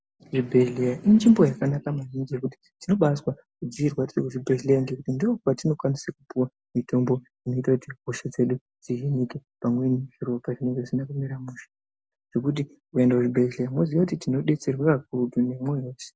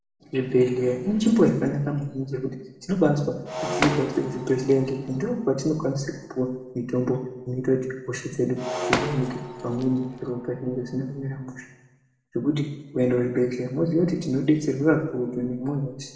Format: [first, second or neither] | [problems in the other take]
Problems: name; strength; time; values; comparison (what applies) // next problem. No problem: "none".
first | background sound (Shatter); 8 dB below the speech // room echo; dies away in 0.8 s